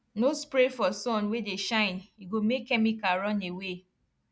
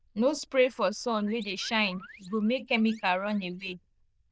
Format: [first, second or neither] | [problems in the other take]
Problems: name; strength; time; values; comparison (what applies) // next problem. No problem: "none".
first | noise reduction (neural diffusion model UNIVERSE++)